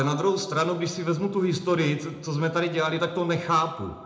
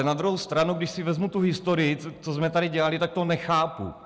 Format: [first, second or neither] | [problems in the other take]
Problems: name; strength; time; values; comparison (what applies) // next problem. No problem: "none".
second | room echo; dies away in 0.6 s